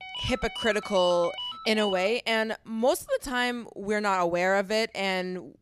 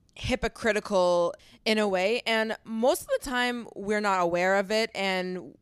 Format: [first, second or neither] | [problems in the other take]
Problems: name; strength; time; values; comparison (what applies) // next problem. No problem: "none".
second | phone ringing; noticeable; until 2 s; peak 7 dB below the speech